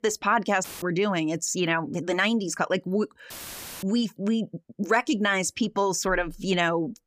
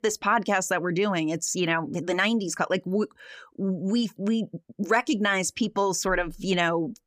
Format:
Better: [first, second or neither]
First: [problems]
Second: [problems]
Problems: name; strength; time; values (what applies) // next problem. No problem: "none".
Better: second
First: audio cutting out; filled with static; at 0.5 s and at 3.5 s for 0.5 s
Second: none